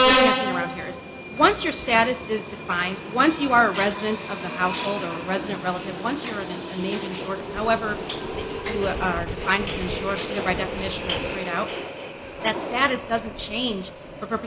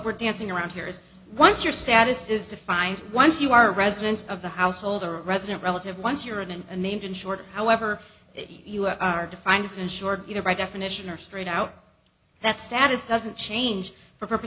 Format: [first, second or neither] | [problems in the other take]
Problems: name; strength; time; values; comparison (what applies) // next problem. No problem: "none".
second | background sound (Subway, metro, underground); 3 dB below the speech